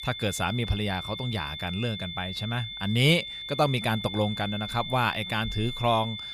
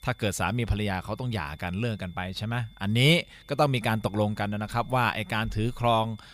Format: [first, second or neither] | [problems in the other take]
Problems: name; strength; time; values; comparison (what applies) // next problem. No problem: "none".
second | high-pitched whine; loud; throughout; 3.5 kHz, 7 dB below the speech; faint in the second